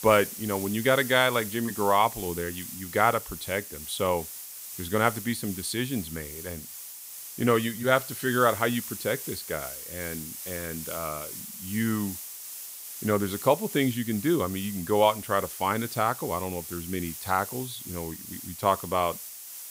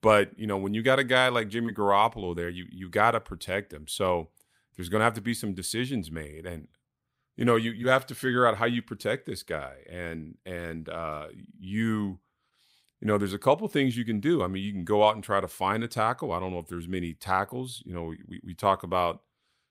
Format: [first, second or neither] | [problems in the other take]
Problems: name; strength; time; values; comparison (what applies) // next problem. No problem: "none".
second | hiss; loud; throughout; 9 dB below the speech